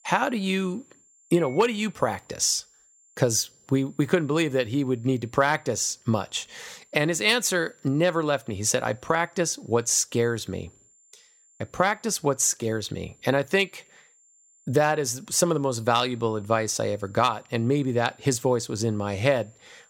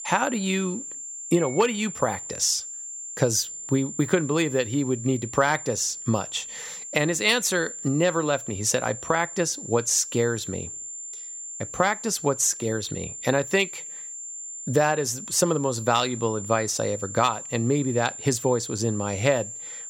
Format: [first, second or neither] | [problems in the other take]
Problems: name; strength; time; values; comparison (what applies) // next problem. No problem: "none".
first | high-pitched whine; loud; throughout; 7.5 kHz, 10 dB below the speech; faint in the first